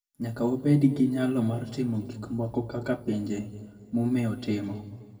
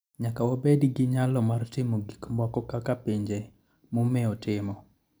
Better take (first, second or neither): second